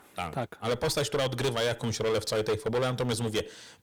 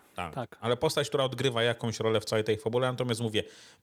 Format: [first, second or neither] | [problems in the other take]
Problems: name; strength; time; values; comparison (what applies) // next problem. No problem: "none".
second | distortion; heavy; 14% of the sound clipped